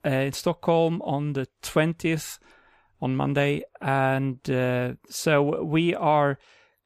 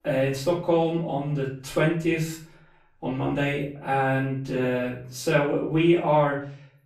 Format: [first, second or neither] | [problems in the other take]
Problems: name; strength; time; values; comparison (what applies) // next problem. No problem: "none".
first | off-mic speech; far // room echo; noticeable; dies away in 0.4 s